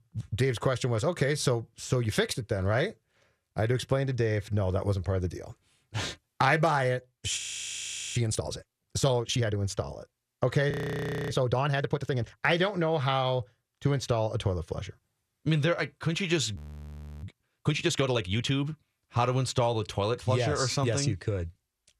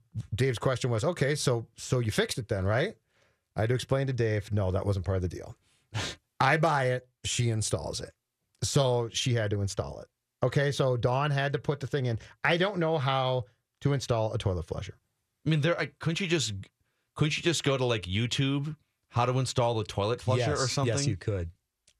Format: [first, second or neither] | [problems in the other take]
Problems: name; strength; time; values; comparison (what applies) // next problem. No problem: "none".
second | audio freezing; at 7.5 s for 1 s, at 11 s for 0.5 s and at 17 s for 0.5 s